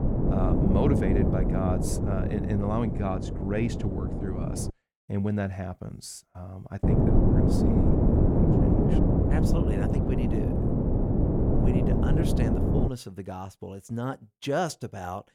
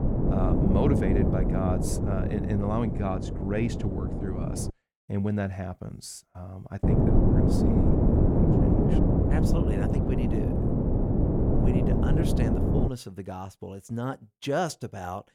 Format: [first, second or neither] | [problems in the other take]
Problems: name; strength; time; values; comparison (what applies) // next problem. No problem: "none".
neither | wind noise on the microphone; heavy; until 4.5 s and from 7 to 13 s; 3 dB above the speech; the same in both